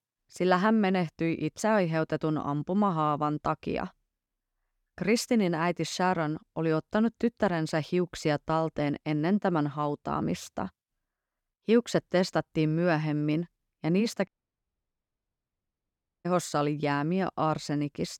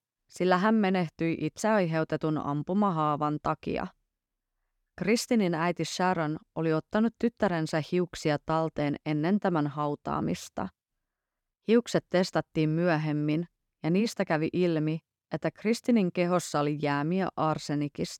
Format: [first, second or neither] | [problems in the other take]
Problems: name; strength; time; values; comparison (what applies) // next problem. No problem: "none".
second | audio cutting out; at 14 s for 2 s